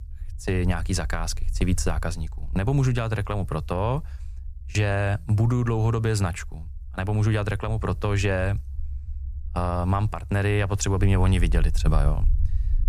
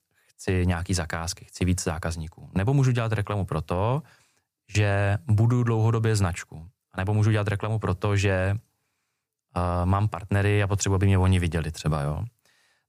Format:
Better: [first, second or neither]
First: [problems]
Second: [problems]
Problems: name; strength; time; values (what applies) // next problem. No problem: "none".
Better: second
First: low rumble; faint; throughout; 25 dB below the speech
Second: none